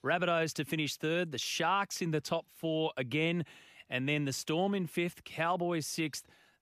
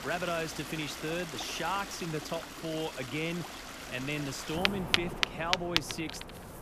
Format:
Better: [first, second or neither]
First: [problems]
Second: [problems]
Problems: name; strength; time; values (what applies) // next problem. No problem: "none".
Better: first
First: none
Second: rain or running water; very loud; throughout; as loud as the speech